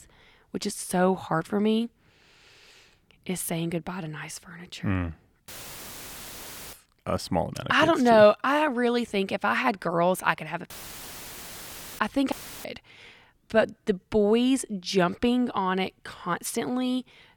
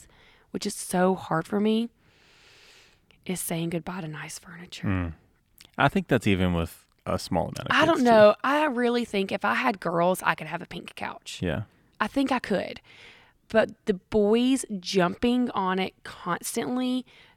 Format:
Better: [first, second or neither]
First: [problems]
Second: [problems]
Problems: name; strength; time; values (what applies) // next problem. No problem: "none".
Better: second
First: audio cutting out; filled with static; at 5.5 s for 1.5 s, at 11 s for 1.5 s and at 12 s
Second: none